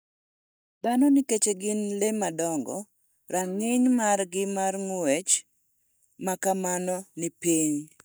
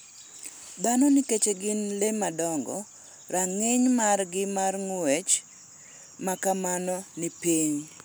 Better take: second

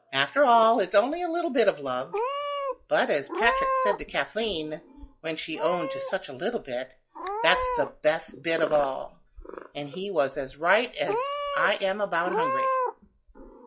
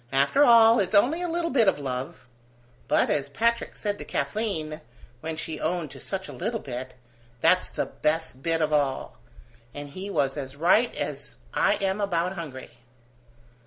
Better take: second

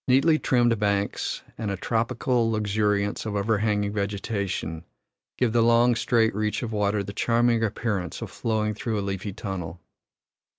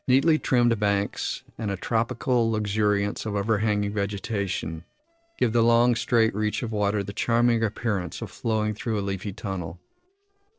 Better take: first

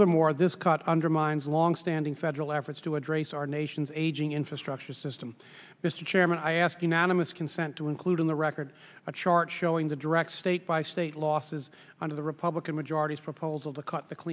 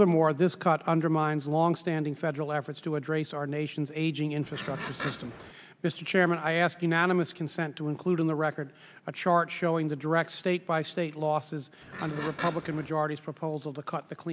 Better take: first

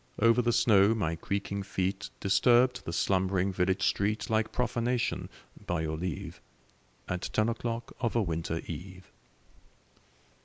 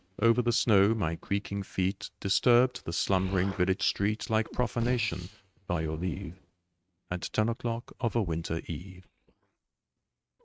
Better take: first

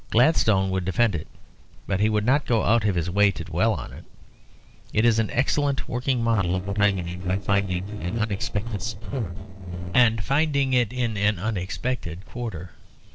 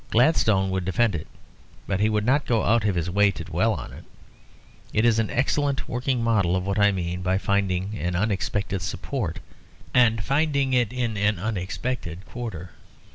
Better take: second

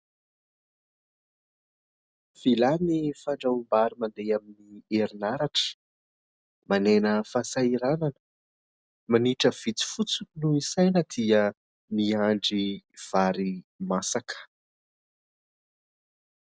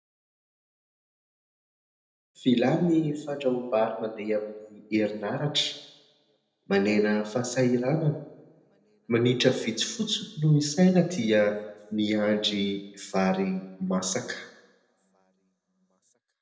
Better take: first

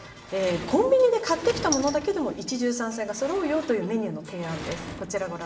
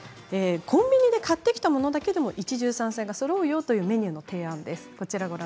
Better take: second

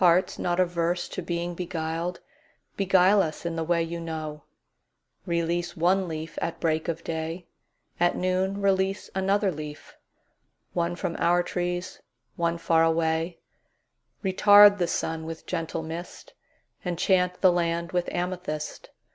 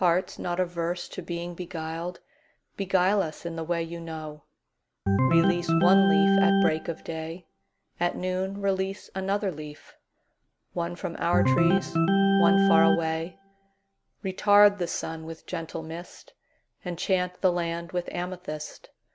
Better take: first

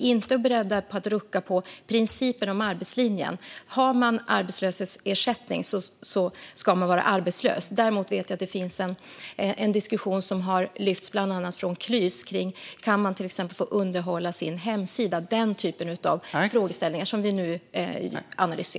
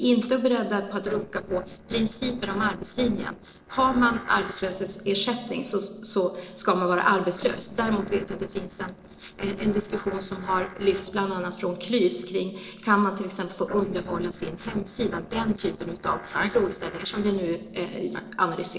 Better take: first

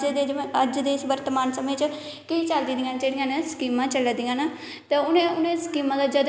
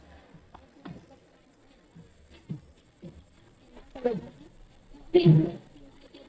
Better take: first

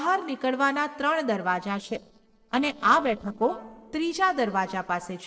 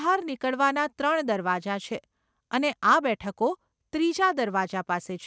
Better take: second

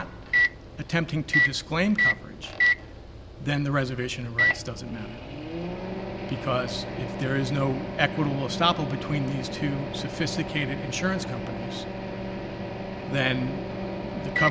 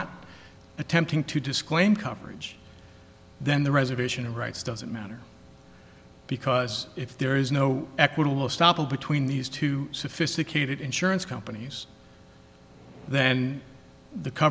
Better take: second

